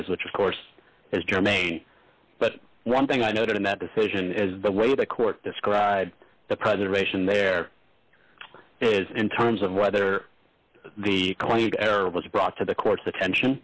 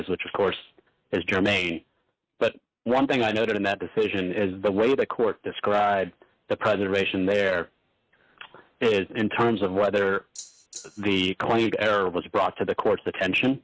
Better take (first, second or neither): first